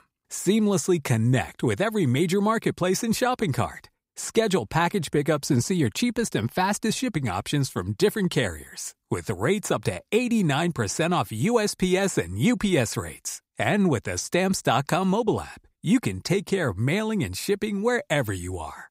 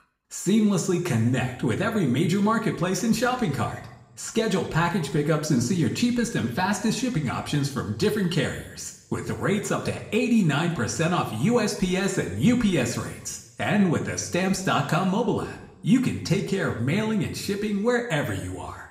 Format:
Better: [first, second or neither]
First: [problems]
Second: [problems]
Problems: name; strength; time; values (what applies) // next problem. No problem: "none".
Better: first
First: none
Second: room echo; slight; dies away in 0.8 s // off-mic speech; somewhat distant